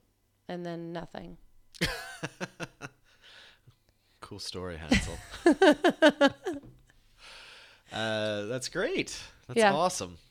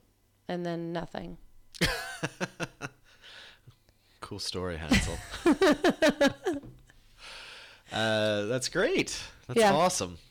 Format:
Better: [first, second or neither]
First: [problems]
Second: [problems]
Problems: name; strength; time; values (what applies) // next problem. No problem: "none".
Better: first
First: none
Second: distortion; heavy; 3% of the sound clipped